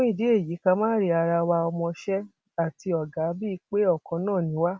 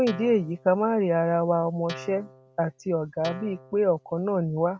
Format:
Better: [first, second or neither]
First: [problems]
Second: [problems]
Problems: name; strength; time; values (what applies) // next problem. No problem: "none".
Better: first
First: none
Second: background sound (Guitar); 18 dB below the speech